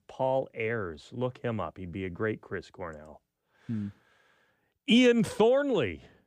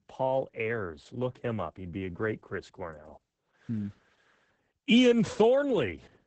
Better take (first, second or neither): first